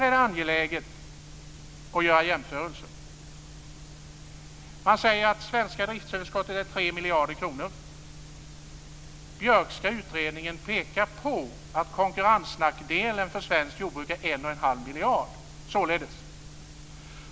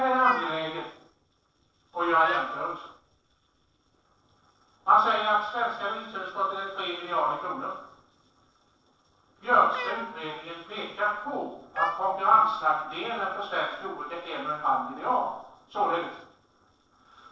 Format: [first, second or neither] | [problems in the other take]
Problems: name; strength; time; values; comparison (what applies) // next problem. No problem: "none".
first | noise reduction (neural separator model SepFormer DNS4)